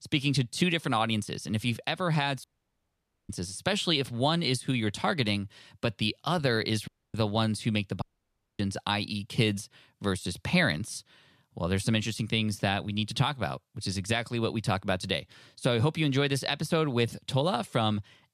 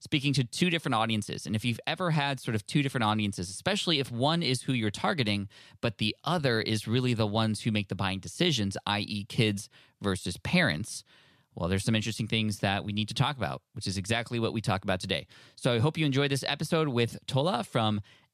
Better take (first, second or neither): second